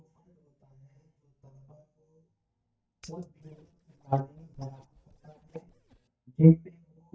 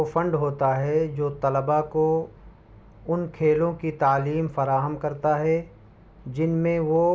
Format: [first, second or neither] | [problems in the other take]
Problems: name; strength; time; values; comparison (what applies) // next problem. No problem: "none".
second | noise reduction (neural mask model DeepFilterNet 3)